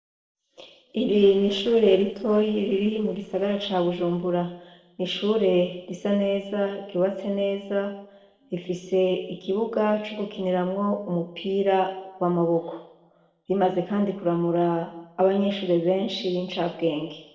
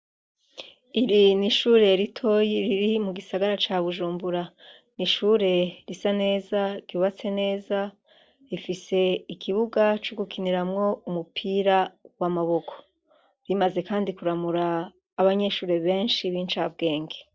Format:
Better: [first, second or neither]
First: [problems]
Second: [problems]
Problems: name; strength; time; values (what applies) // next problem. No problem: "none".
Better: second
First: noise reduction (neural separator model SepFormer DNS4)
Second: none